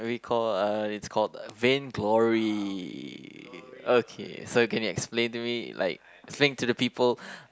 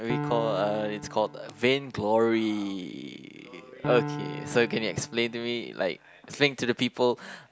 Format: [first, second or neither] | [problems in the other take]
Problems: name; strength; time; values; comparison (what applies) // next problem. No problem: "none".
first | background sound (Piano); 11 dB below the speech